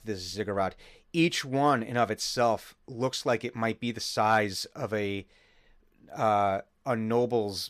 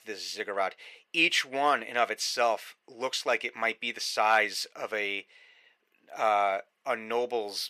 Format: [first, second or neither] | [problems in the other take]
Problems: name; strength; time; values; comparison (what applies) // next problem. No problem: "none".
first | thin; somewhat; fading below 500 Hz